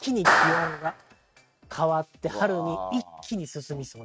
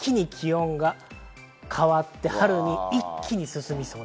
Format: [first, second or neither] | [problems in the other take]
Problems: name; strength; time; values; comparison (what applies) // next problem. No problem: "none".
second | noise reduction (neural mask model RNNoise)